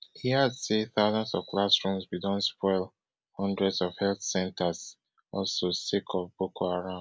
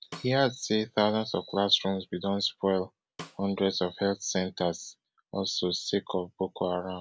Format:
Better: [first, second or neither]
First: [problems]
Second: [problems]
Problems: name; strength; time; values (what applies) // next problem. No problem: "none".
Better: first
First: none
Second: background sound (Snare drum); 19 dB below the speech